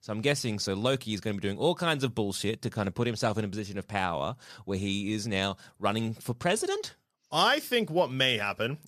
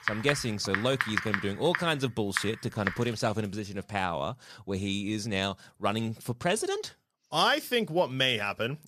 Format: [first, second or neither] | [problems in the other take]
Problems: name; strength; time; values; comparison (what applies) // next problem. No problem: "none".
first | household noises; loud; until 3.5 s; 4 dB below the speech